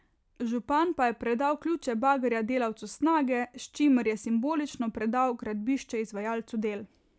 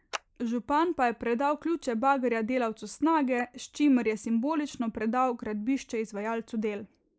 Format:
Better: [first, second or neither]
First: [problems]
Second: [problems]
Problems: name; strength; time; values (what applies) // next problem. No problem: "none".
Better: first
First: none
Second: noise reduction (neural mask model Resemble Enhance denoiser)